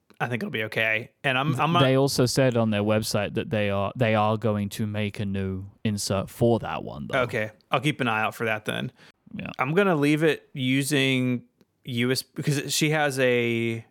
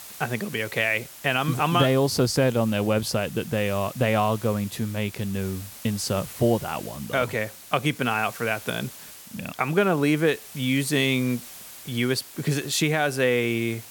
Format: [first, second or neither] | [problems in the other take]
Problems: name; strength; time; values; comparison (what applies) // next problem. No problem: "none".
first | hiss; noticeable; throughout; 15 dB below the speech